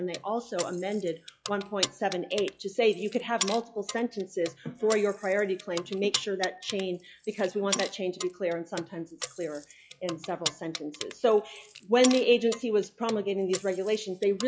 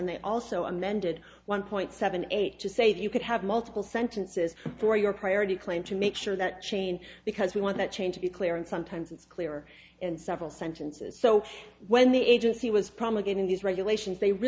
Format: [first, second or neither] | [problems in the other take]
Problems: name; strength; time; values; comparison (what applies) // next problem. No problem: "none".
second | noise reduction (classical method log-MMSE)